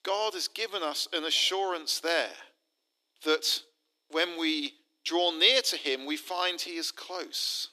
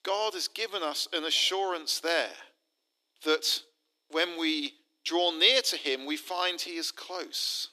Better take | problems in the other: neither | thin; somewhat; fading below 300 Hz; the same in both

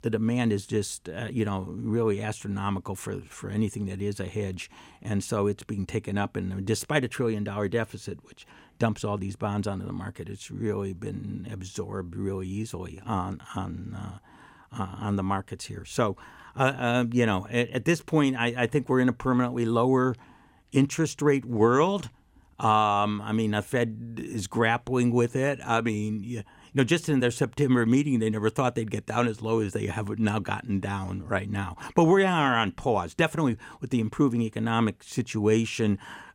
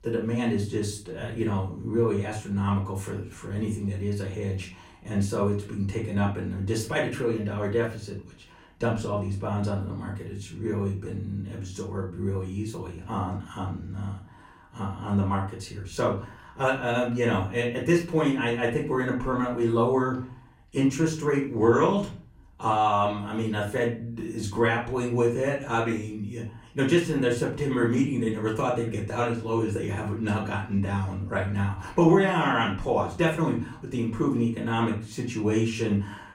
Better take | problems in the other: first | off-mic speech; far // room echo; slight; dies away in 0.4 s

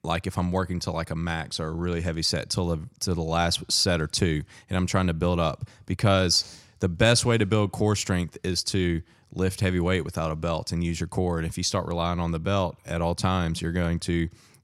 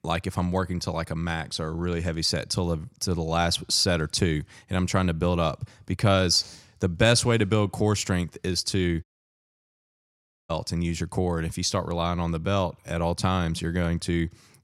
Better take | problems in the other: first | audio cutting out; at 9 s for 1.5 s

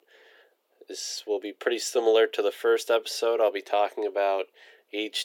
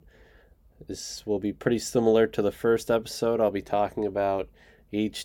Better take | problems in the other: second | thin; very; fading below 350 Hz

